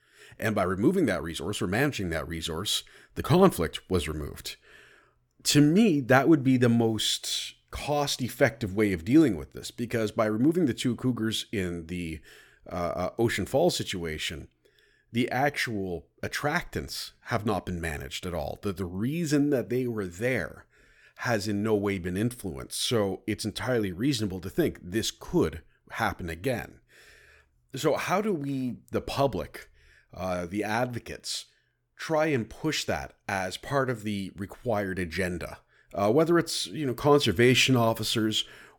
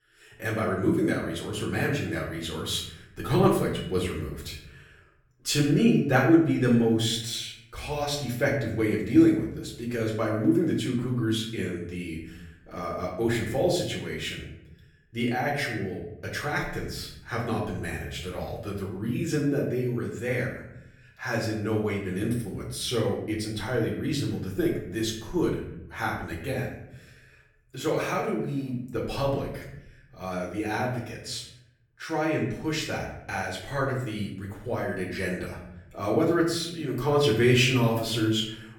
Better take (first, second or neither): first